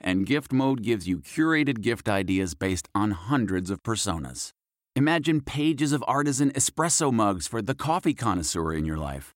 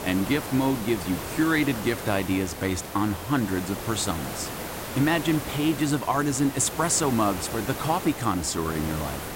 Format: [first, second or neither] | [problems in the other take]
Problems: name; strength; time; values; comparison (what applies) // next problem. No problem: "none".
first | hiss; loud; throughout; 8 dB below the speech